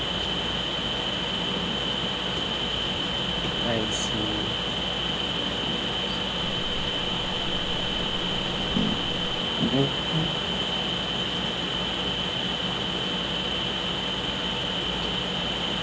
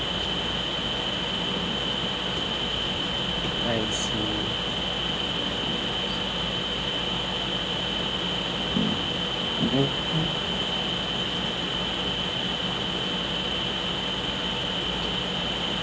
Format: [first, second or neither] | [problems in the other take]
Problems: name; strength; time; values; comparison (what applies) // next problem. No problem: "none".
second | background sound (Walk, footsteps); 9 dB below the speech